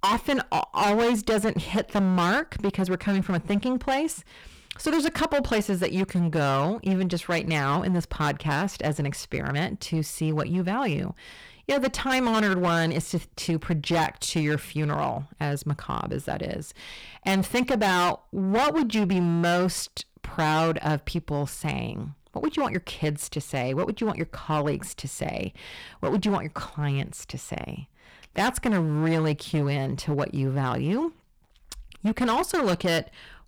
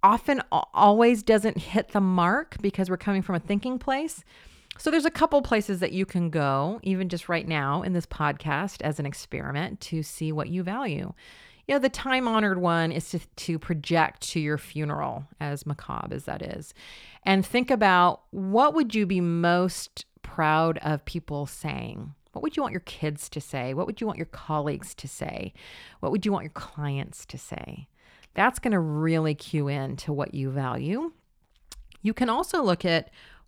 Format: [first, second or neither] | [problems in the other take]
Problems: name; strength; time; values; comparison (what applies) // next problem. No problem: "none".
second | distortion; heavy; 12% of the sound clipped